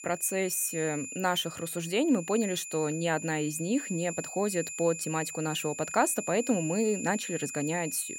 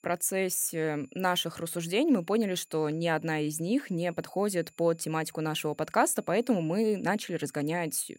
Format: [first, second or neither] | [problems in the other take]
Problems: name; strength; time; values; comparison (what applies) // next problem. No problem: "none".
second | high-pitched whine; loud; throughout; 7 kHz, 8 dB below the speech; faint in the second